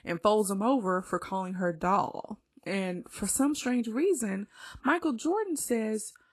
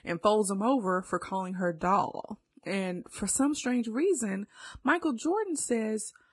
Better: first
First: garbled, watery; slightly; nothing above 12.5 kHz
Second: garbled, watery; badly; nothing above 10.5 kHz

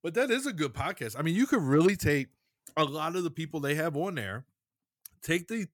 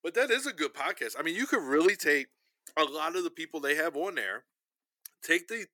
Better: first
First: none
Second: thin; somewhat; fading below 350 Hz

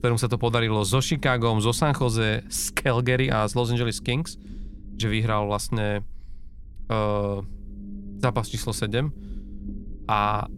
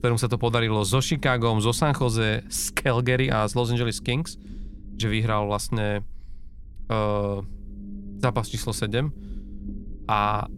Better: neither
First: low rumble; faint; throughout; 25 dB below the speech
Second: low rumble; faint; throughout; 25 dB below the speech

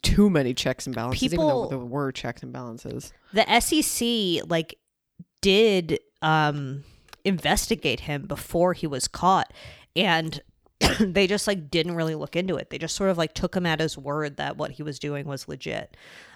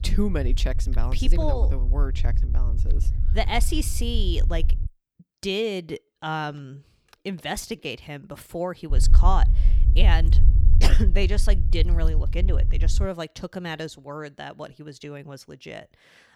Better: first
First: none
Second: low rumble; noticeable; until 5 s and from 9 to 13 s; 15 dB below the speech

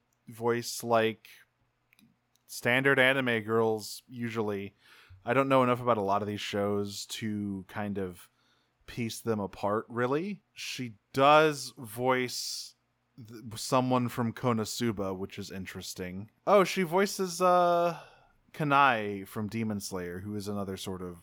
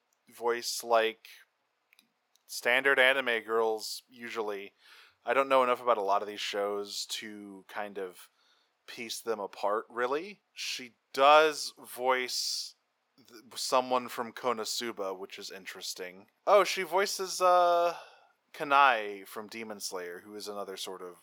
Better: first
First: none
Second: thin; somewhat; fading below 500 Hz

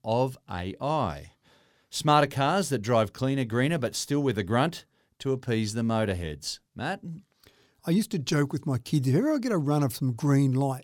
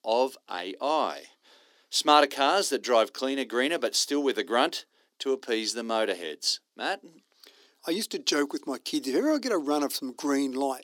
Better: first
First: none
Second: thin; somewhat; fading below 300 Hz

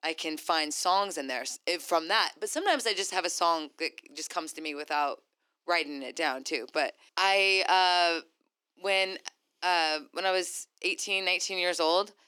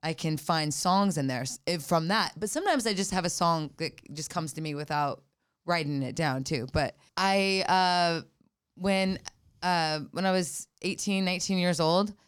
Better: second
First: thin; very; fading below 300 Hz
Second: none

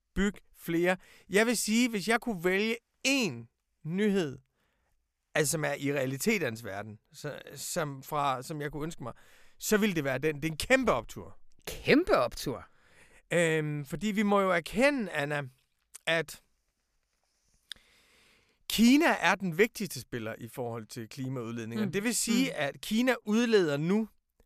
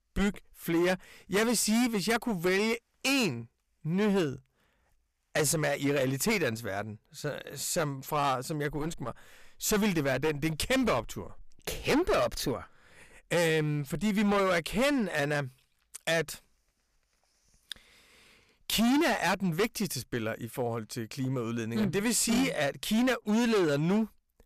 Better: first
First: none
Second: distortion; heavy; 11% of the sound clipped

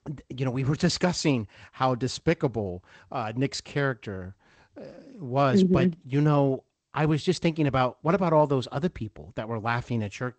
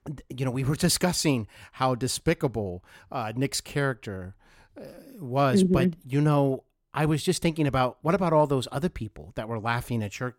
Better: second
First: garbled, watery; slightly; nothing above 8 kHz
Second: none

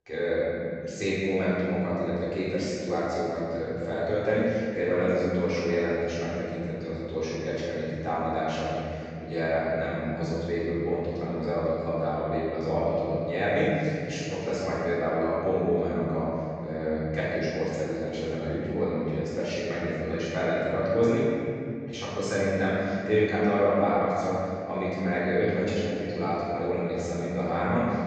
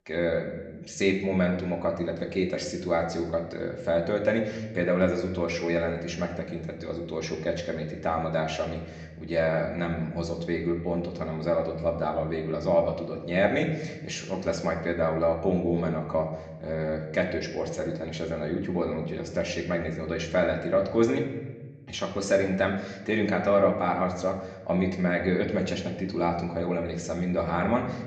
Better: second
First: room echo; strong; dies away in 2.4 s // off-mic speech; far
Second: room echo; slight; dies away in 1 s // off-mic speech; somewhat distant

